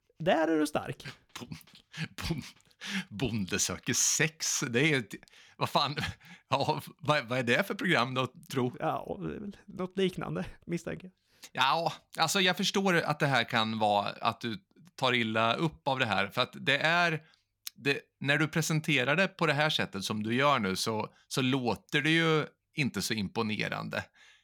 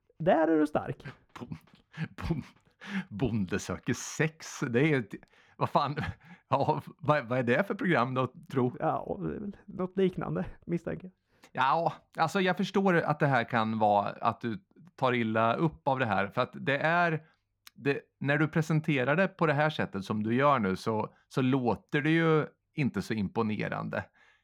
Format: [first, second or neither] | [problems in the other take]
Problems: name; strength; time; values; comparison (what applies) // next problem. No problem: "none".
first | muffled; slightly; fading above 2.5 kHz